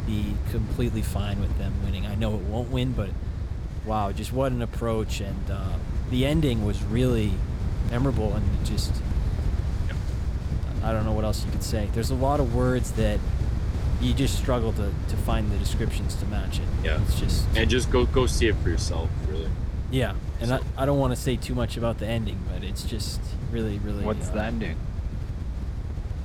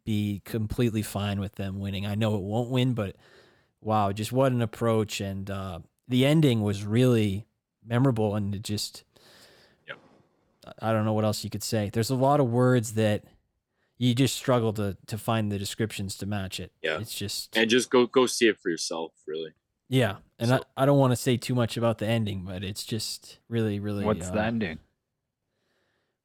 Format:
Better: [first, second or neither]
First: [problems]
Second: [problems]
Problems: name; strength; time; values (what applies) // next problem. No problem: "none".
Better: second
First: wind noise on the microphone; occasional gusts; 10 dB below the speech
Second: none